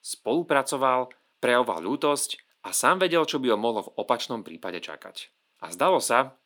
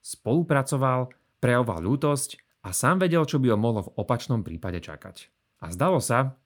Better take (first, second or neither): second